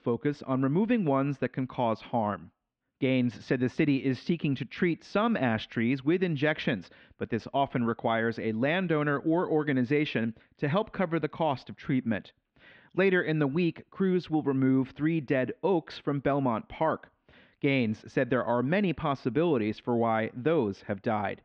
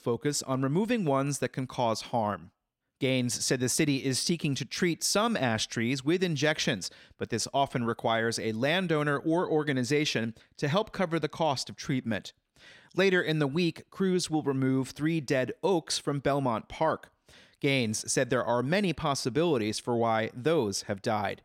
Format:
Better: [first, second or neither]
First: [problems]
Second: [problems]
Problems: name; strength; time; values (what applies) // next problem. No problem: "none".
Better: second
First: muffled; very; fading above 3 kHz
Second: none